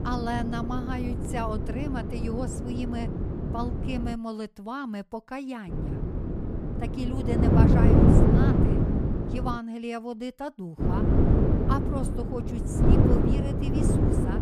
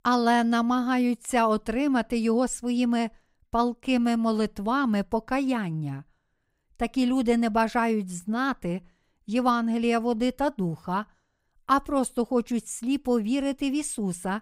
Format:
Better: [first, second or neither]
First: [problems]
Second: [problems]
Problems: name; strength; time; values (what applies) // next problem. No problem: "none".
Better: second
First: wind noise on the microphone; heavy; until 4 s, from 5.5 to 9.5 s and from 11 s on; 3 dB above the speech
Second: none